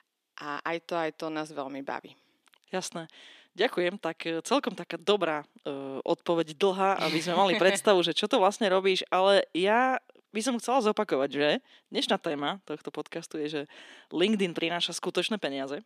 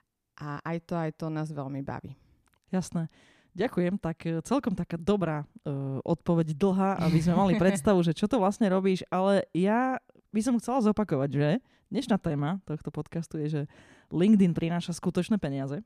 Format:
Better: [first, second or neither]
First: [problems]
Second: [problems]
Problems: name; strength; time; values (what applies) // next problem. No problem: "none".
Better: second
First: thin; somewhat; fading below 300 Hz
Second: none